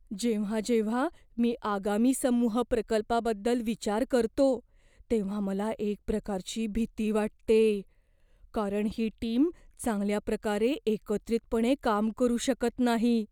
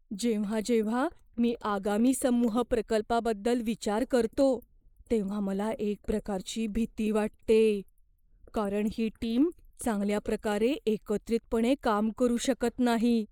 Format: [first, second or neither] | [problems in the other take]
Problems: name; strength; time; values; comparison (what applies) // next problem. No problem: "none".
first | noise reduction (neural mask model Resemble Enhance denoiser)